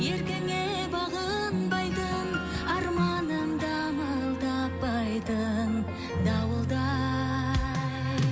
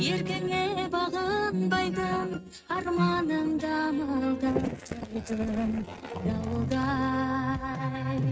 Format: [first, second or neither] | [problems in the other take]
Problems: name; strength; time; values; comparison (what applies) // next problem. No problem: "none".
first | noise reduction (neural mask model RNNoise)